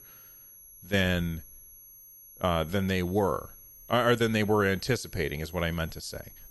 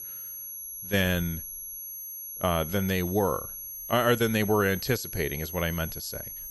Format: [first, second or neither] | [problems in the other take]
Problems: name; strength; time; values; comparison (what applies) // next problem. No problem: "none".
first | high-pitched whine; loud; throughout; 11.5 kHz, 8 dB below the speech; faint in the first